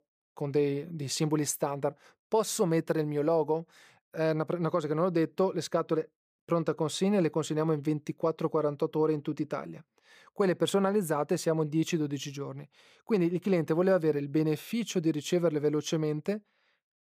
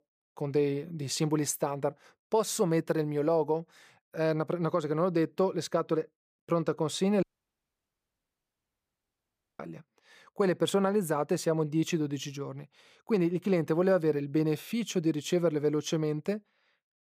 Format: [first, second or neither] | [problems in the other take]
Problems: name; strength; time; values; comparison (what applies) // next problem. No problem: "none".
first | audio cutting out; at 7 s for 2.5 s